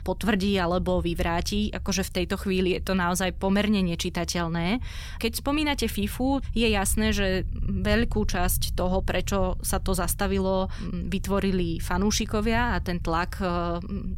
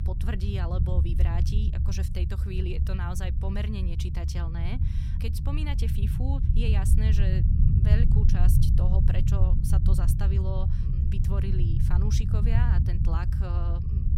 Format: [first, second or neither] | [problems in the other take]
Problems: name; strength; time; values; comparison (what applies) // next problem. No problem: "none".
first | low rumble; loud; throughout; 1 dB below the speech; faint in the first